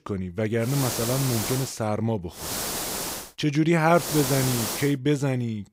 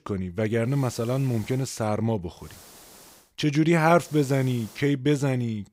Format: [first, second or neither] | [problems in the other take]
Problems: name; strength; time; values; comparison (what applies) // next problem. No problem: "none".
second | hiss; loud; at 0.5 s, at 2.5 s and at 4 s; 4 dB below the speech; faint in the second